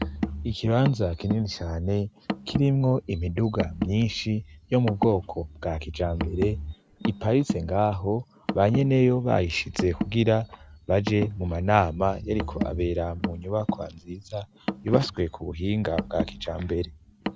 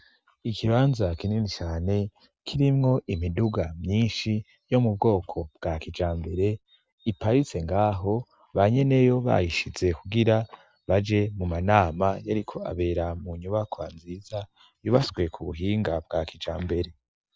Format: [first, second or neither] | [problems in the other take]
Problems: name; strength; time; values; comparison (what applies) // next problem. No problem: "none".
second | background sound (Car); 8 dB below the speech